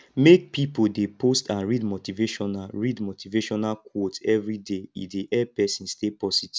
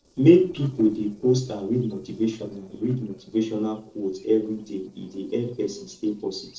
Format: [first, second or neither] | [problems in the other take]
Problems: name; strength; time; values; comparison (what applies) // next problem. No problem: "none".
first | noise reduction (neural separator model SepFormer DNS4)